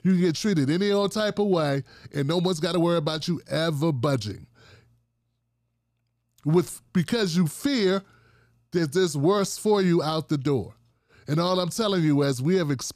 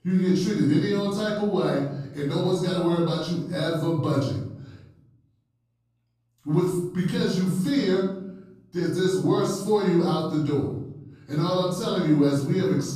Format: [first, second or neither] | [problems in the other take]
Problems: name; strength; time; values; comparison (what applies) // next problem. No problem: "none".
first | off-mic speech; far // room echo; noticeable; dies away in 0.7 s